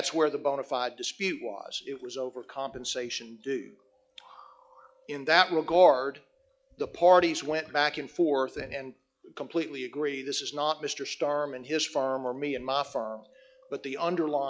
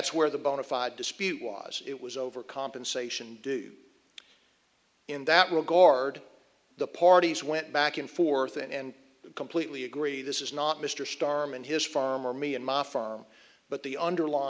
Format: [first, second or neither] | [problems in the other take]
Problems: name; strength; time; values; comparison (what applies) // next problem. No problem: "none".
second | noise reduction (classical method log-MMSE)